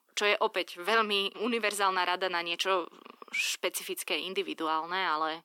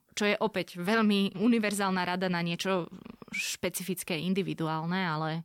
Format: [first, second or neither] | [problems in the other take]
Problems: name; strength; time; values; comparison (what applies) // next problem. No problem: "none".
second | thin; very; fading below 300 Hz